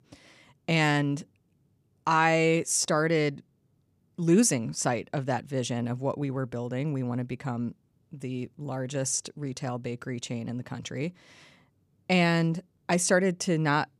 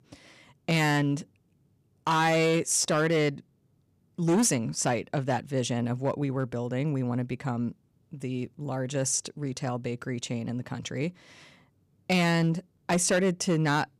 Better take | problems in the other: first | distortion; slight; 5% of the sound clipped

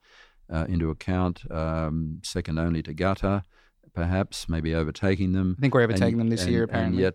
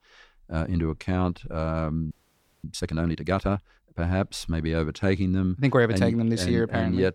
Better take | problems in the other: first | audio freezing; at 2 s for 0.5 s

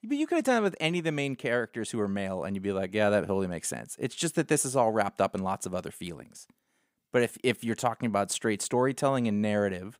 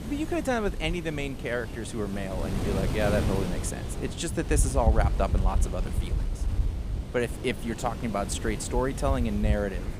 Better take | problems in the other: first | wind noise on the microphone; heavy; 10 dB below the speech

